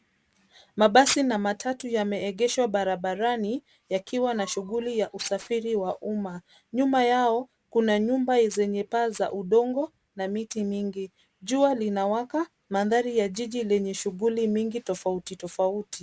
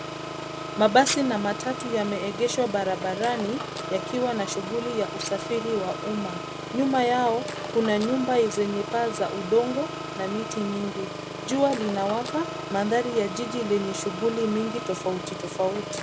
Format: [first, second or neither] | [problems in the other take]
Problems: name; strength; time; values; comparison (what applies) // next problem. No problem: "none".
first | background sound (Engine); 7 dB below the speech